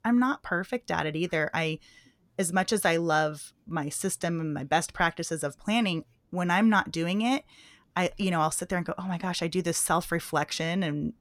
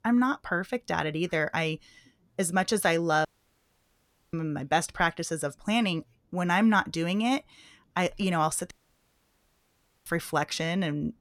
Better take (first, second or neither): first